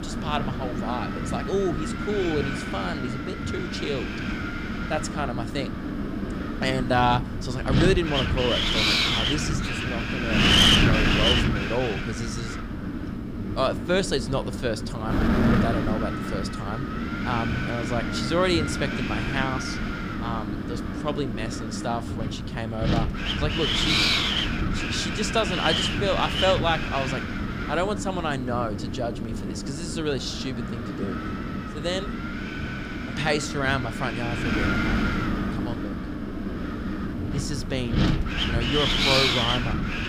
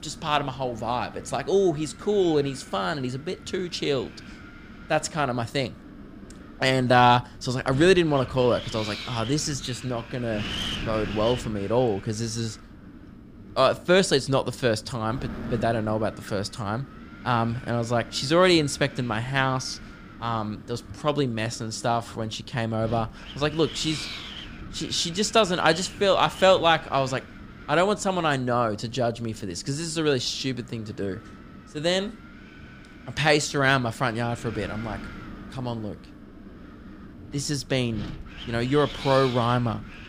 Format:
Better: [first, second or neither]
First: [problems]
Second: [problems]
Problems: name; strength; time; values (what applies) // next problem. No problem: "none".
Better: second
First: wind noise on the microphone; heavy; 2 dB above the speech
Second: wind noise on the microphone; occasional gusts; 15 dB below the speech